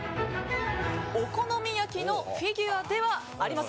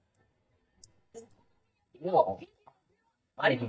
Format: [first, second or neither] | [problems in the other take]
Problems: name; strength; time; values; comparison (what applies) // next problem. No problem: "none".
first | noise reduction (neural mask model DeepFilterNet 3)